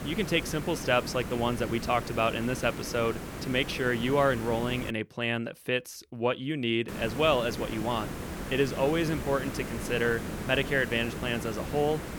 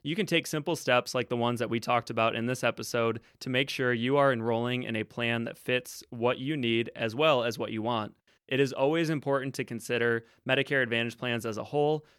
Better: second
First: hiss; loud; until 5 s and from 7 s on; 8 dB below the speech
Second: none

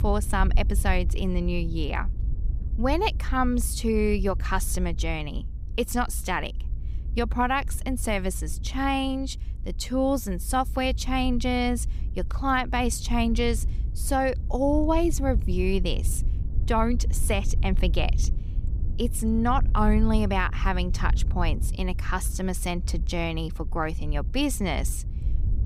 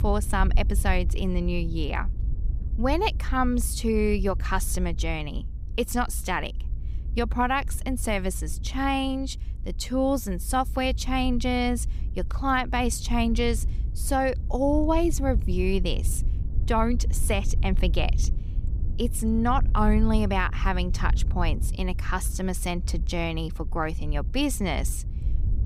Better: neither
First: low rumble; faint; throughout; 20 dB below the speech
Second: low rumble; faint; throughout; 20 dB below the speech

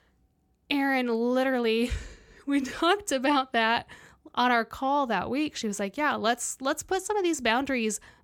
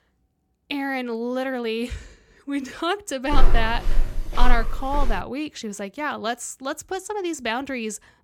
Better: first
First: none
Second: footsteps; loud; from 3.5 to 5 s; peak 4 dB above the speech

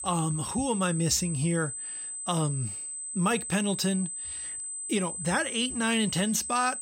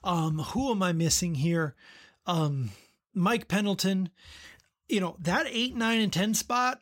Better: second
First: high-pitched whine; loud; throughout; 8 kHz, 5 dB below the speech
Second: none

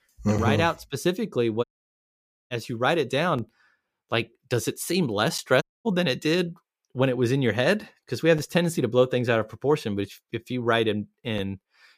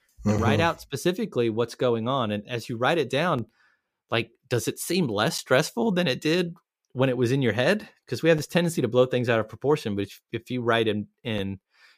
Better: second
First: audio cutting out; at 1.5 s for 1 s and at 5.5 s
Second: none

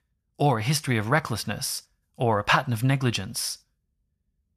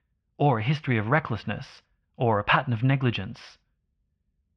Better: first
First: none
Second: muffled; very; fading above 3 kHz

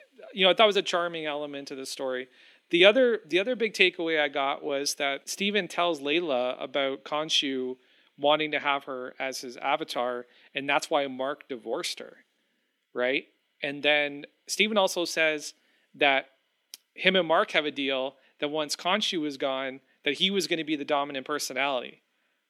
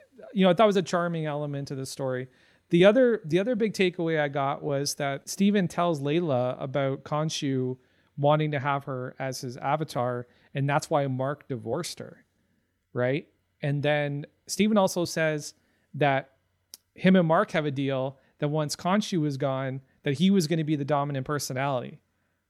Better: second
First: thin; somewhat; fading below 250 Hz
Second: none

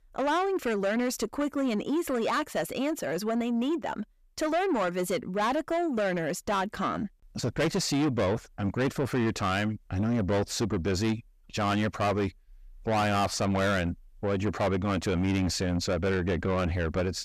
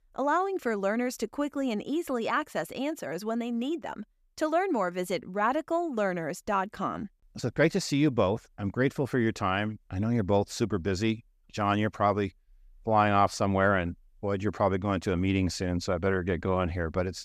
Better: second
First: distortion; heavy; 7 dB below the speech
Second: none

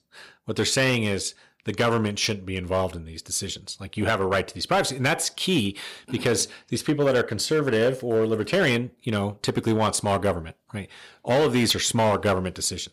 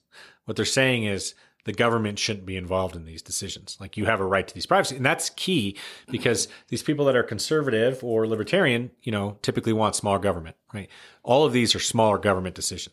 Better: second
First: distortion; slight; 6% of the sound clipped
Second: none

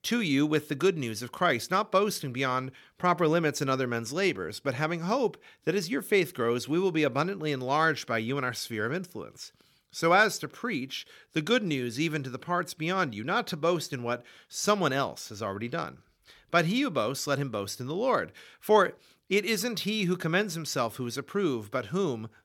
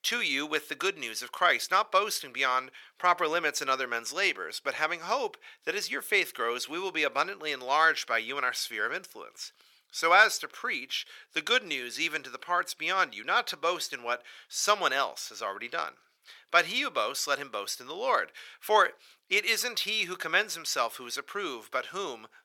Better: first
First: none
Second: thin; very; fading below 650 Hz

